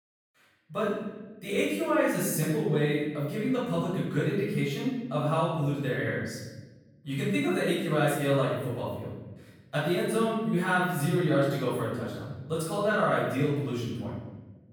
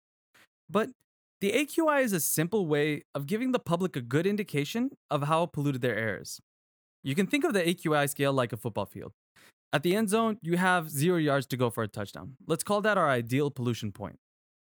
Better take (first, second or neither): second